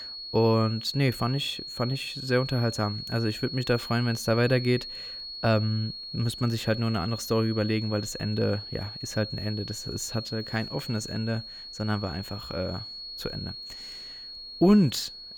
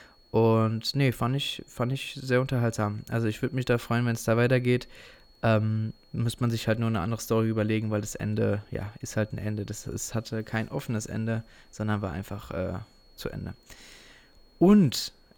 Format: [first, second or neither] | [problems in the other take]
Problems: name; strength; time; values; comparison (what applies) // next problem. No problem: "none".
second | high-pitched whine; loud; throughout; 4.5 kHz, 9 dB below the speech; faint in the second